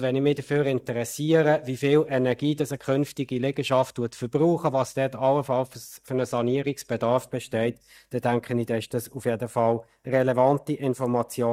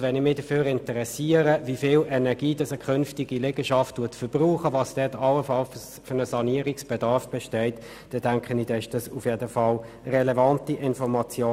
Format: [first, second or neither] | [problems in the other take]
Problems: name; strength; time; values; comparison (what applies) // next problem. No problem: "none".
second | noise reduction (neural mask model DeepFilterNet 3)